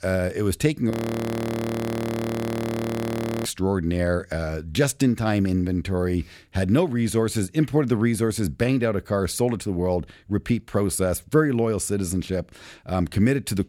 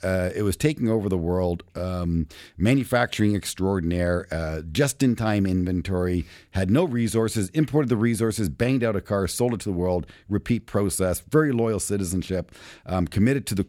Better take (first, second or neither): second